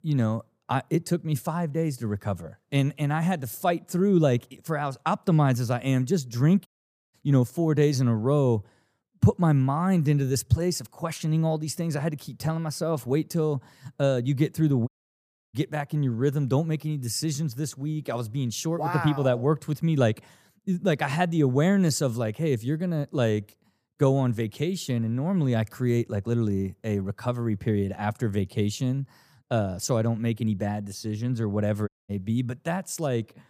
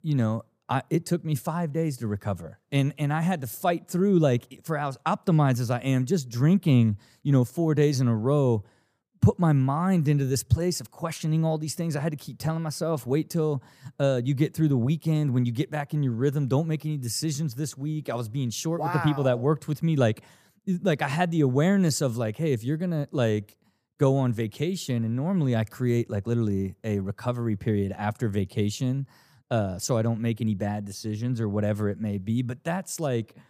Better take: second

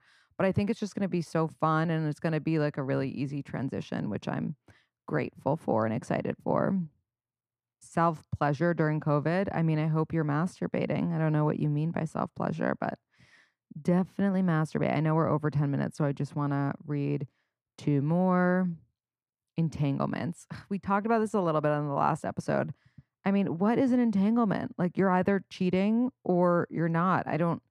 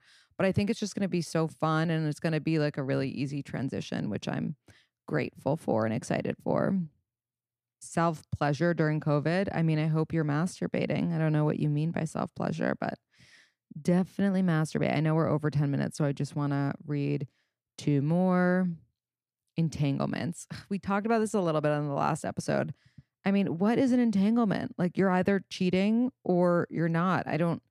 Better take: second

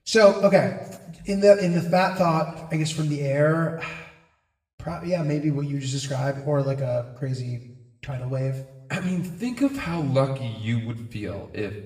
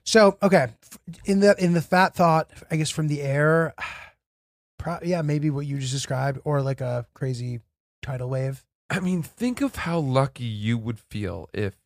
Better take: second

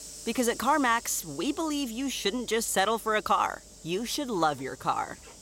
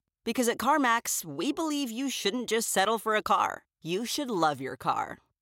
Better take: second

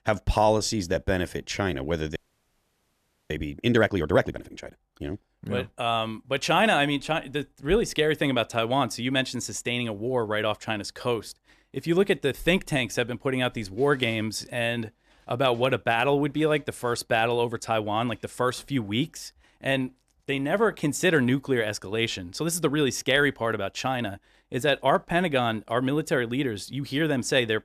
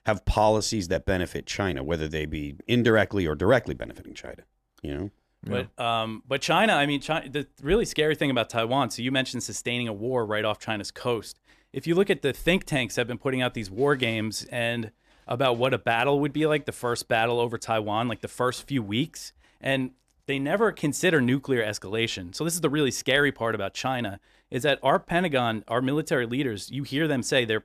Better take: second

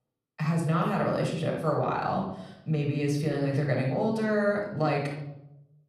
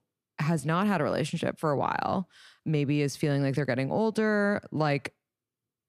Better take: second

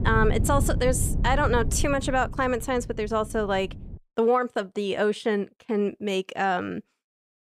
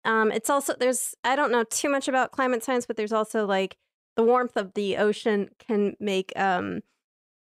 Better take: second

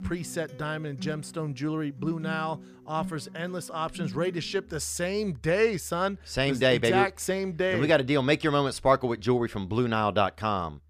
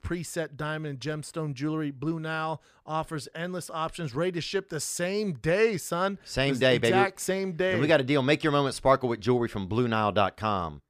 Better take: second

